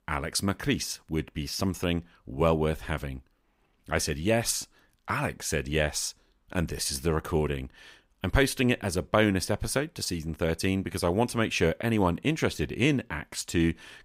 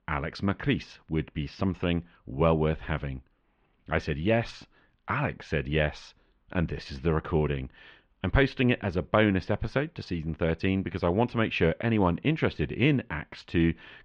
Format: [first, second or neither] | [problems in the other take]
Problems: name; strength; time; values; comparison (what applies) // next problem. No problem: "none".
first | muffled; very; fading above 3.5 kHz